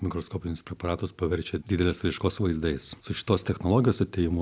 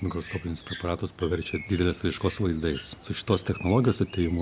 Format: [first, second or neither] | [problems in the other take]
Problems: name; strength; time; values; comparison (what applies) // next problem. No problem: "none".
first | background sound (Bird); 17 dB below the speech